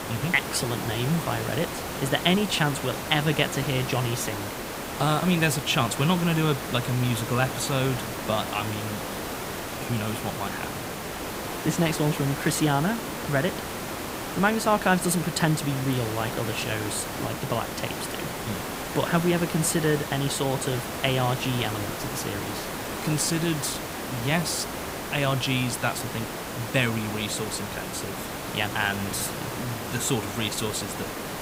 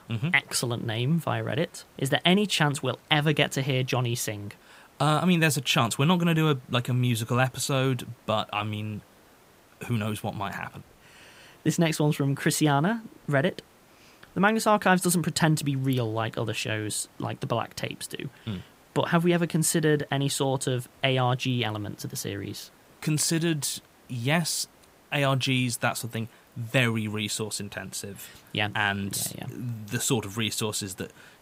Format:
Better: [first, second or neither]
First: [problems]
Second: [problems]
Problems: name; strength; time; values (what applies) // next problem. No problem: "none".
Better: second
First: hiss; loud; throughout; 5 dB below the speech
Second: hiss; faint; throughout; 30 dB below the speech